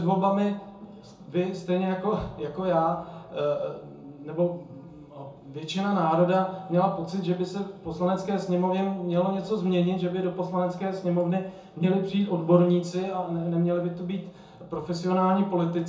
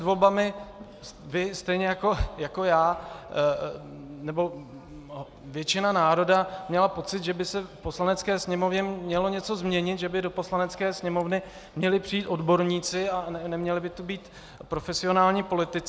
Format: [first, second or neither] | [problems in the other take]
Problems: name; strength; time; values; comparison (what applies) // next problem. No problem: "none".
second | room echo; dies away in 0.6 s